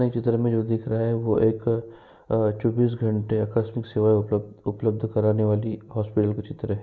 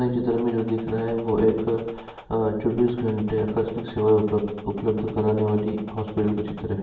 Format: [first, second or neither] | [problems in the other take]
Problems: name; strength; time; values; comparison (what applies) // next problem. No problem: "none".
first | background sound (Gunshot, gunfire); 19 dB below the speech // room echo; dies away in 0.8 s